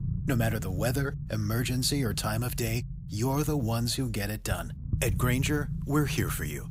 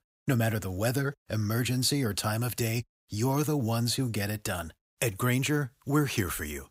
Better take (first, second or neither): second